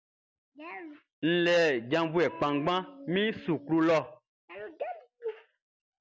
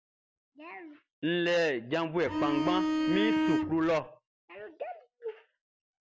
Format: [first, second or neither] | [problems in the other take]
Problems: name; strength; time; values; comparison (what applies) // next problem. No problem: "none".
first | background sound (Bowed string instrument); 3 dB above the speech